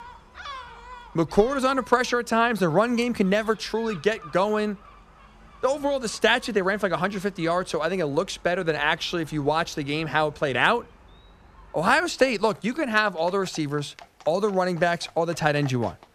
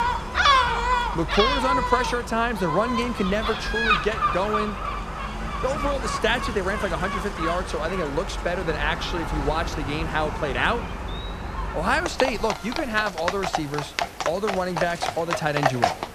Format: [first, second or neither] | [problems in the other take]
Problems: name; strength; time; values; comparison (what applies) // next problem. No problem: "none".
first | animal sounds; loud; throughout; as loud as the speech; faint in the first